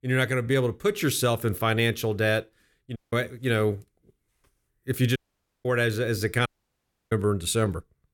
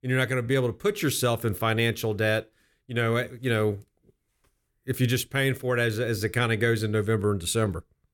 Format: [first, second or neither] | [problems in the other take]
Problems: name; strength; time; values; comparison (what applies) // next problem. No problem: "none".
second | audio cutting out; at 3 s, at 5 s and at 6.5 s for 0.5 s